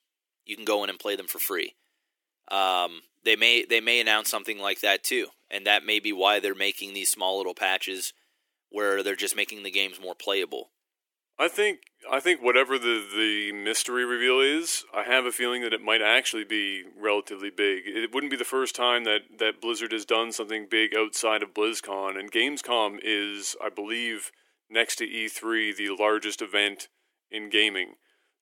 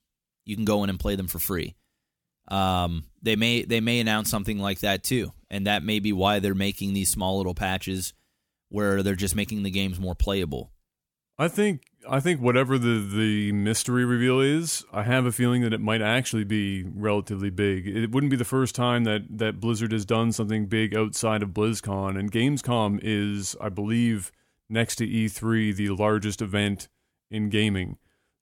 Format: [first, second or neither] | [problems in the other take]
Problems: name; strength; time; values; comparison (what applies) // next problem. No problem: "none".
second | thin; very; fading below 350 Hz